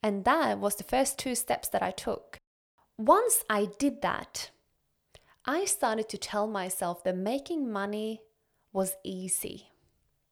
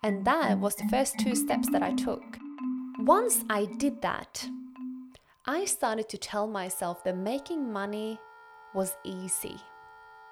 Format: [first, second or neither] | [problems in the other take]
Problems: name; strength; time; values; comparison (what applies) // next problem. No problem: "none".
first | background music; loud; throughout; 4 dB below the speech